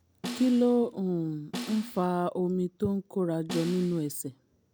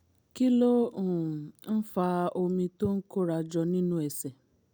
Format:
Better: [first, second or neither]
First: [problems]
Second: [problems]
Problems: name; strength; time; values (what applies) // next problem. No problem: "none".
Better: second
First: background sound (Snare drum); 13 dB below the speech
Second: none